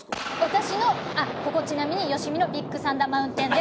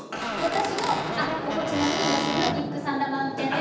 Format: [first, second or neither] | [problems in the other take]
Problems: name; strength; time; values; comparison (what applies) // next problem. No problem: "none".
first | background sound (Squeak / Cupboard open or close); 2 dB below the speech // room echo; dies away in 0.9 s